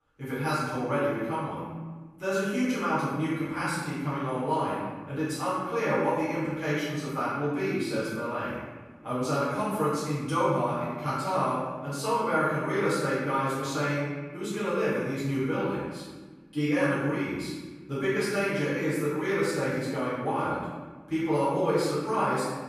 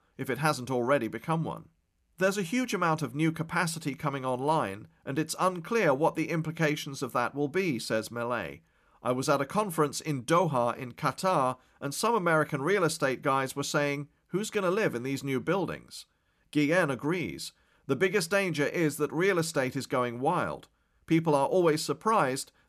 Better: second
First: room echo; strong; dies away in 1.2 s // off-mic speech; far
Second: none

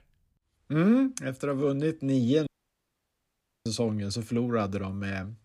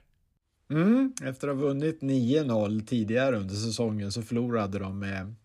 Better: second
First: audio cutting out; at 2.5 s for 1 s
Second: none

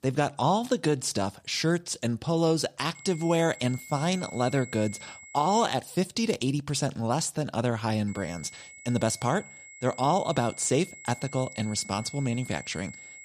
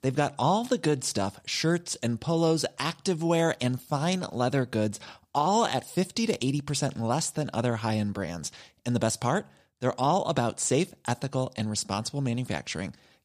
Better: second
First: high-pitched whine; noticeable; from 3 to 5.5 s and from 8 s on; 2 kHz, 15 dB below the speech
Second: none

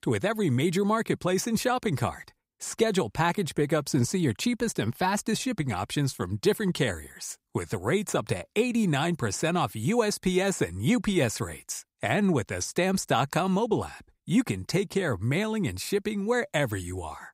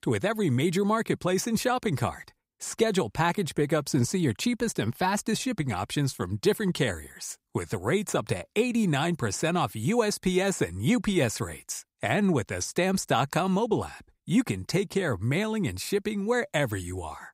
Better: neither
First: none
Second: none

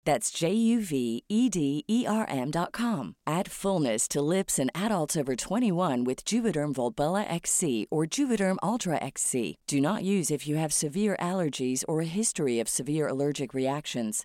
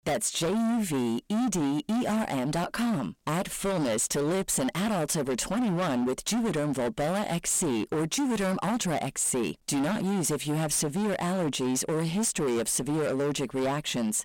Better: first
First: none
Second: distortion; heavy; 30% of the sound clipped

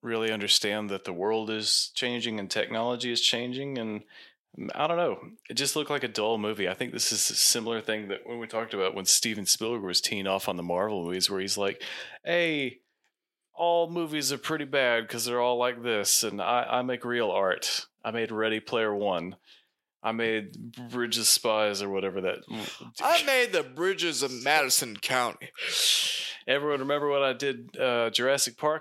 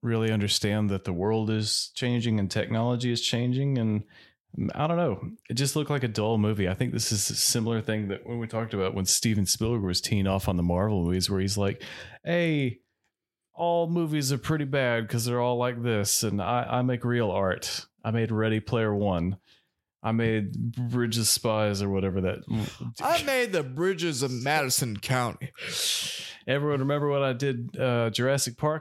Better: second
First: thin; somewhat; fading below 350 Hz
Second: none

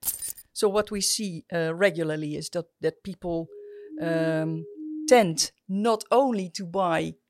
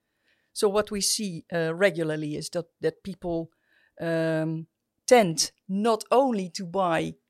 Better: second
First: jangling keys; noticeable; at the start; peak 3 dB below the speech // siren; noticeable; from 3.5 to 5 s; peak 9 dB below the speech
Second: none

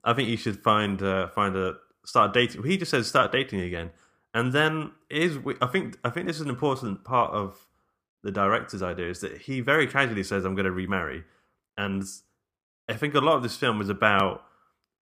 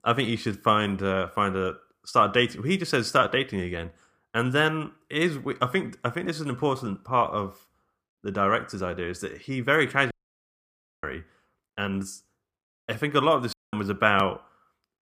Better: first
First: none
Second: audio cutting out; at 10 s for 1 s and at 14 s

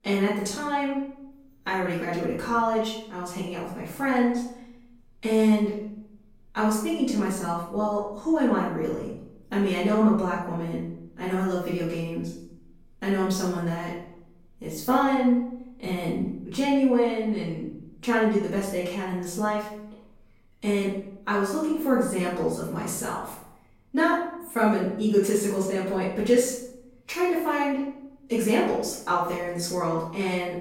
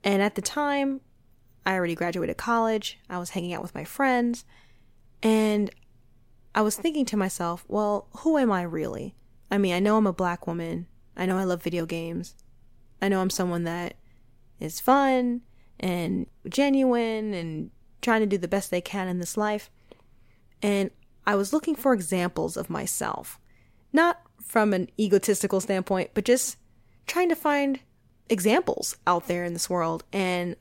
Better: second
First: off-mic speech; far // room echo; noticeable; dies away in 0.6 s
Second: none

